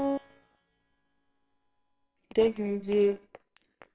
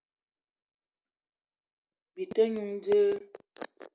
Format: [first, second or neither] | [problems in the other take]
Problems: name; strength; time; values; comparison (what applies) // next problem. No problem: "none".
second | noise reduction (neural separator model SepFormer WHAMR!)